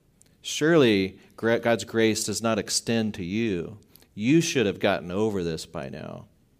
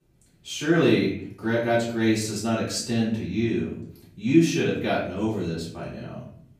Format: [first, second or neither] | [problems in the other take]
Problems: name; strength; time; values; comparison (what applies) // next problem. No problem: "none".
first | off-mic speech; far // room echo; noticeable; dies away in 0.6 s